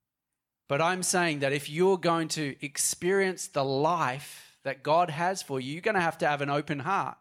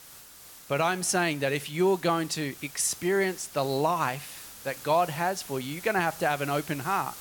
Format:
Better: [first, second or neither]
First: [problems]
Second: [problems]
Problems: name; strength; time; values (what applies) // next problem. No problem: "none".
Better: first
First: none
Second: hiss; noticeable; throughout; 15 dB below the speech